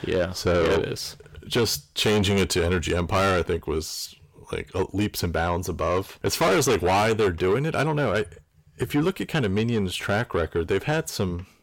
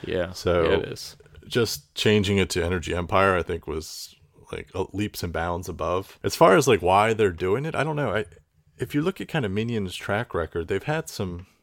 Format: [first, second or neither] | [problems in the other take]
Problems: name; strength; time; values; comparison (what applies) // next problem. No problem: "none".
second | distortion; heavy; 7 dB below the speech